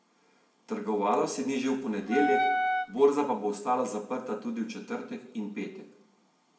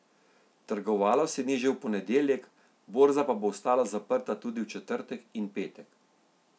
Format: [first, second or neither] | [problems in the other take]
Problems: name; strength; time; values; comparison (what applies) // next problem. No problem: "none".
second | background sound (Wind instrument, woodwind instrument); 1 dB above the speech // room echo; dies away in 0.7 s